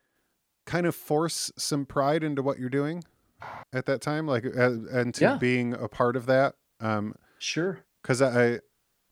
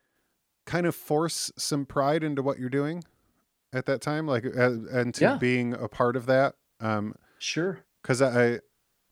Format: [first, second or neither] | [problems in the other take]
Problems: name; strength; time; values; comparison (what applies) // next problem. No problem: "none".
second | footsteps; faint; at 3.5 s; peak 15 dB below the speech